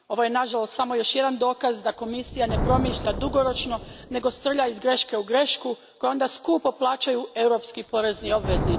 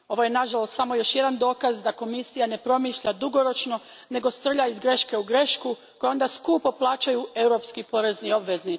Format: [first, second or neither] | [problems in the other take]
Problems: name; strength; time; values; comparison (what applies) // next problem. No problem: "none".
second | background sound (Thunder); 9 dB below the speech